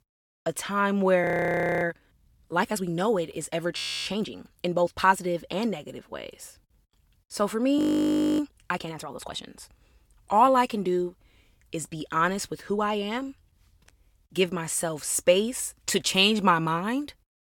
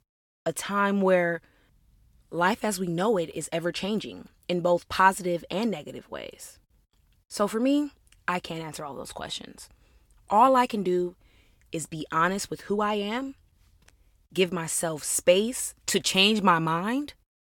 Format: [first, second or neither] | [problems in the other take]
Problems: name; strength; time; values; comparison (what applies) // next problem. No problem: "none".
second | audio freezing; at 1 s for 0.5 s, at 4 s and at 8 s for 0.5 s